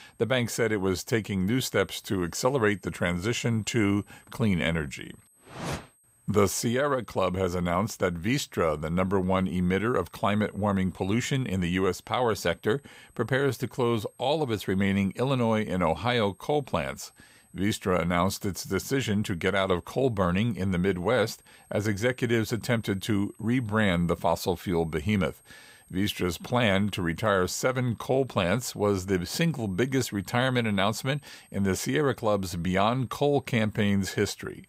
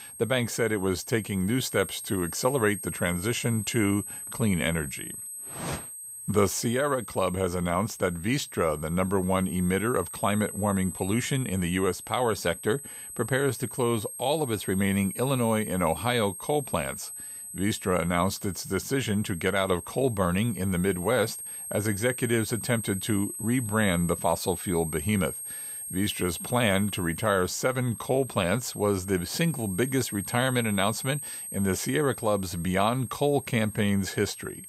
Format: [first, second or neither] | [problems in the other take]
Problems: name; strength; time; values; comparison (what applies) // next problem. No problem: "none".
first | high-pitched whine; loud; throughout; 8.5 kHz, 9 dB below the speech; faint in the first